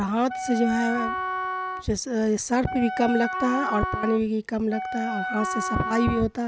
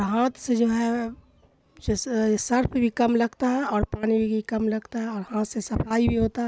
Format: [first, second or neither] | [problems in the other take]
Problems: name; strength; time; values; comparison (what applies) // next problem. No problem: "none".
second | background sound (Wind instrument, woodwind instrument); 5 dB below the speech